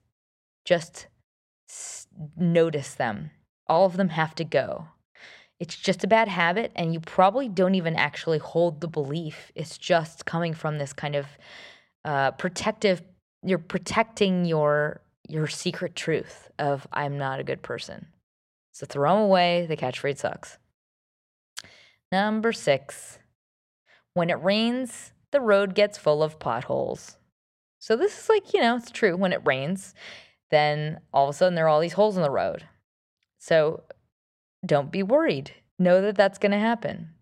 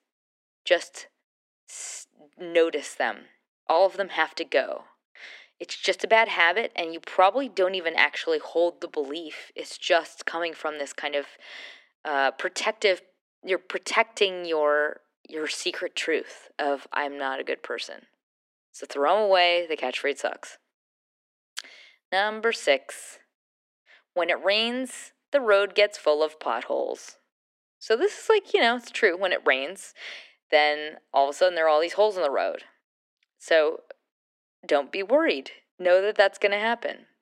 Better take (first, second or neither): first